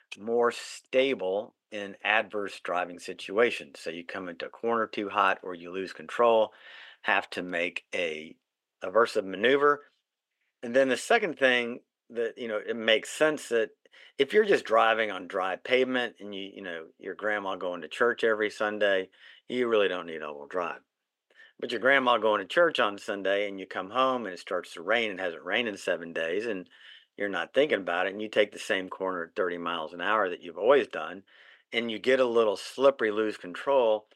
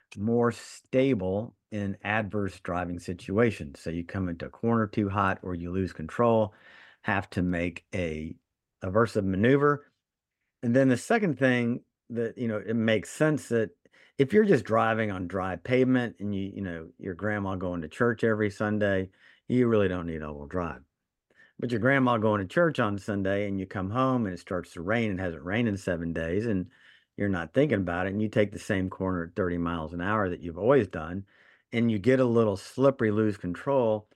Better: second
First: thin; somewhat; fading below 500 Hz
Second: none

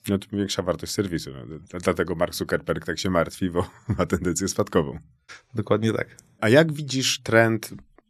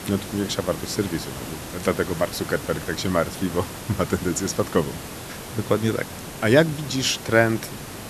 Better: first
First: none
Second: hiss; noticeable; throughout; 10 dB below the speech

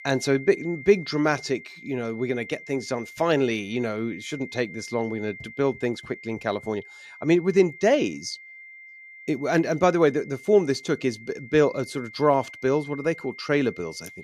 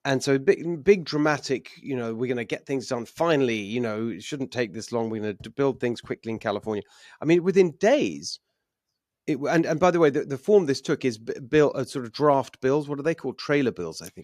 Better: second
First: high-pitched whine; noticeable; throughout; 2 kHz, 15 dB below the speech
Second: none

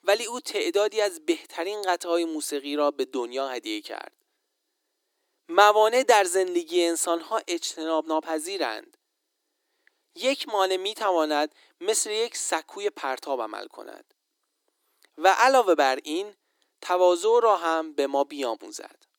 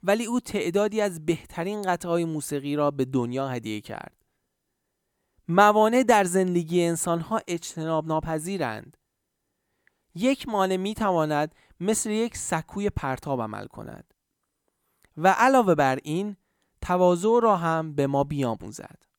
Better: second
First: thin; somewhat; fading below 300 Hz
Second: none

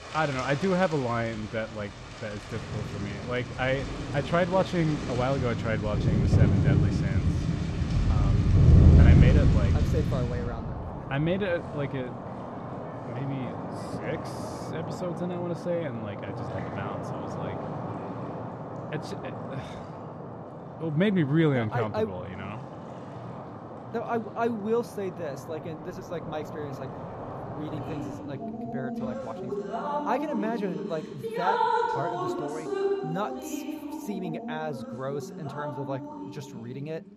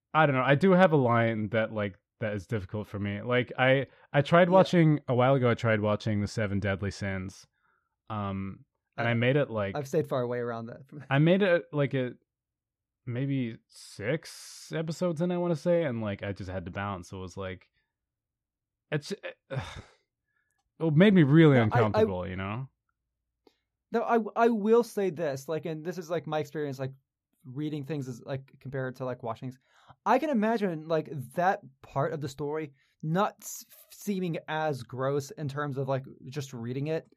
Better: second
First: rain or running water; very loud; throughout; 3 dB above the speech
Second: none

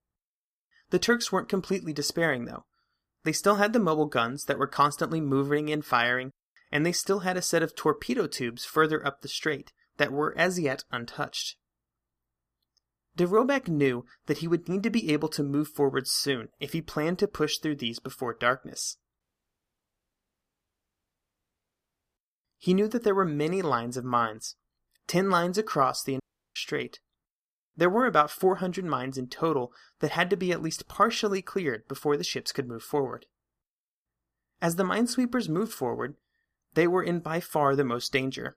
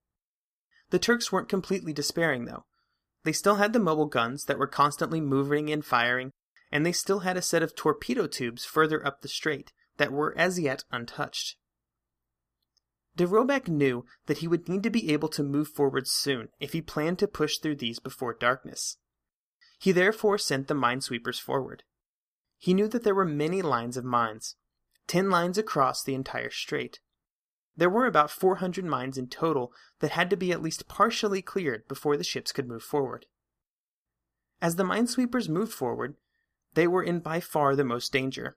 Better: second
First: audio cutting out; at 19 s for 3 s and at 26 s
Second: none

